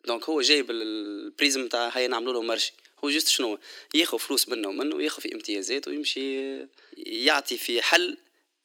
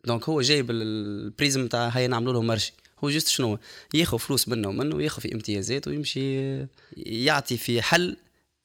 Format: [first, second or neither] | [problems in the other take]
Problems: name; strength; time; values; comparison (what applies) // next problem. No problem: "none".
second | thin; very slightly; fading below 300 Hz